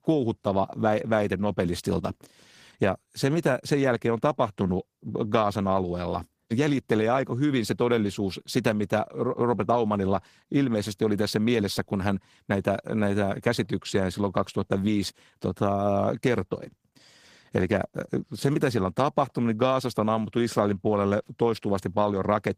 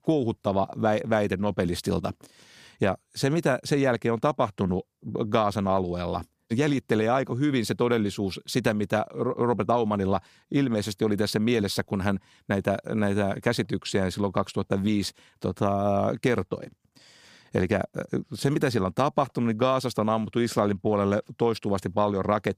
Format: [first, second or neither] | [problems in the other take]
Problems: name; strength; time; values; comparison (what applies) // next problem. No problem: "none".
second | garbled, watery; slightly; nothing above 15 kHz